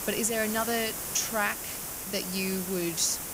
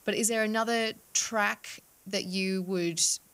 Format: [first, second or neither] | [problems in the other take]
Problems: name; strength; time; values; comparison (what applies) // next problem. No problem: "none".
second | hiss; loud; throughout; 4 dB below the speech; faint in the second